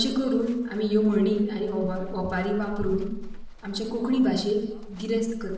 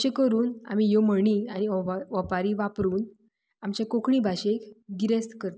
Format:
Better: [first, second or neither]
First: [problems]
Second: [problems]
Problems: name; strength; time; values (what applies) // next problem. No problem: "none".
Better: second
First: background sound (Livestock, farm animals, working animals); 12 dB below the speech // room echo; dies away in 0.8 s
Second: none